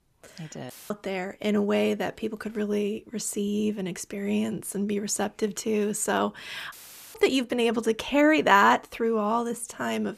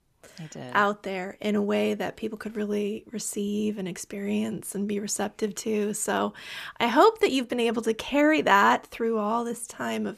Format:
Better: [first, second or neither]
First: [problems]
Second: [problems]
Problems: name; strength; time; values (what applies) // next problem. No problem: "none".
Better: second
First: audio cutting out; filled with static; at 0.5 s and at 6.5 s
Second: none